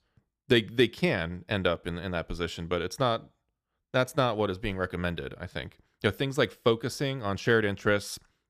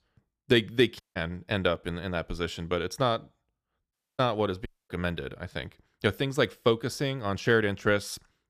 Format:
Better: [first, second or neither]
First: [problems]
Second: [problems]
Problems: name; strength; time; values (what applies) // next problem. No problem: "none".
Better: first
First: none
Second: audio cutting out; at 1 s, at 4 s and at 4.5 s